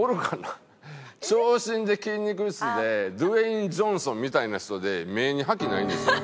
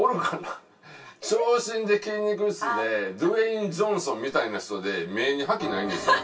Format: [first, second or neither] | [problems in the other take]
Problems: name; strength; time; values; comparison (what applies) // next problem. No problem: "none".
first | room echo; dies away in 0.2 s